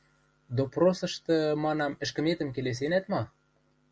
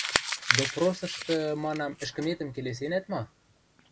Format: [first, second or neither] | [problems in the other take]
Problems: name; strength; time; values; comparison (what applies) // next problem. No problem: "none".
first | background sound (Crumpling, crinkling); 3 dB below the speech